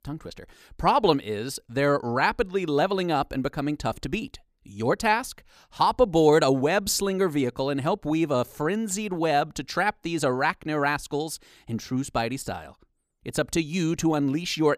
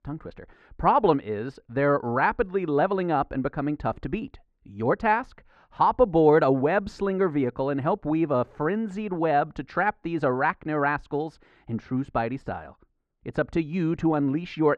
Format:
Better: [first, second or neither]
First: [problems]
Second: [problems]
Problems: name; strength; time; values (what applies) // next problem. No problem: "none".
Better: first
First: none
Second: muffled; very; fading above 1.5 kHz